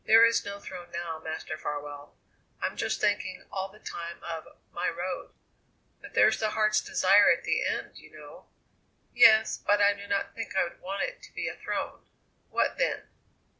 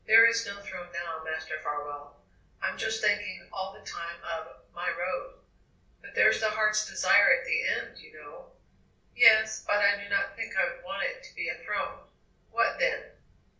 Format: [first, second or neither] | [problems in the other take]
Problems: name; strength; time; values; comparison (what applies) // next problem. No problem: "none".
first | room echo; dies away in 0.4 s